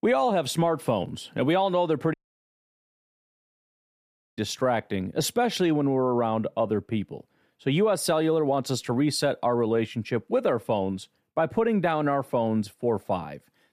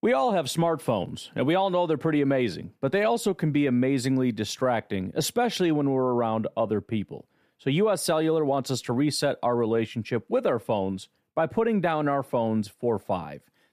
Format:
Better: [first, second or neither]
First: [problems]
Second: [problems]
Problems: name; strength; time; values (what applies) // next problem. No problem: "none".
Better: second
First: audio cutting out; at 2 s for 2 s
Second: none